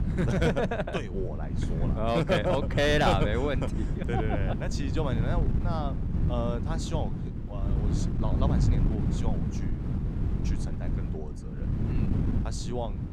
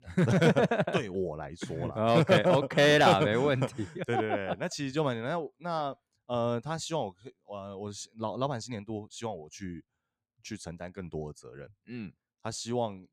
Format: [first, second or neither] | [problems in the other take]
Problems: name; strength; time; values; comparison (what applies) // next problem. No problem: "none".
second | wind noise on the microphone; heavy; 10 dB below the speech